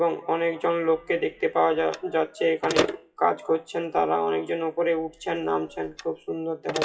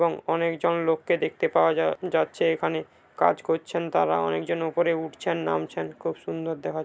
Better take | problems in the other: second | noise reduction (classical method WPE with log-MMSE)

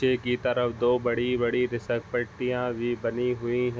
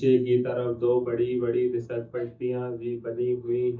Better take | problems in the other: first | noise reduction (neural mask model DeepFilterNet 3)

